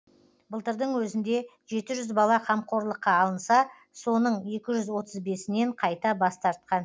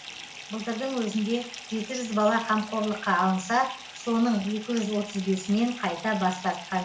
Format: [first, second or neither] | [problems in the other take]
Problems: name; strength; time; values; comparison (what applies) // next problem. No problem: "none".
first | background sound (Fill (with liquid) / Bathtub (filling or washing)); 14 dB below the speech // room echo; dies away in 0.4 s